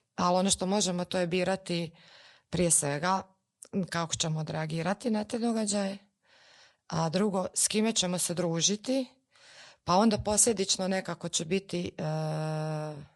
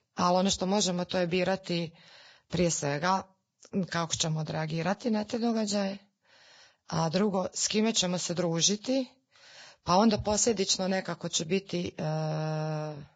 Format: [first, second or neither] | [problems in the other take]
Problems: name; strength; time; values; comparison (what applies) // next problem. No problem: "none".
first | garbled, watery; badly; nothing above 7.5 kHz; slightly in the first